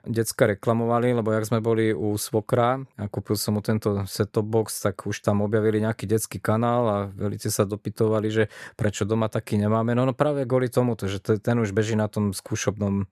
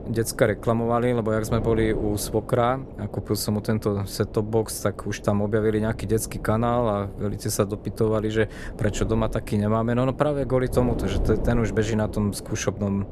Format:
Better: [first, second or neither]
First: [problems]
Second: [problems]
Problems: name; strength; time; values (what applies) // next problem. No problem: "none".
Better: first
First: none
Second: wind noise on the microphone; occasional gusts; 15 dB below the speech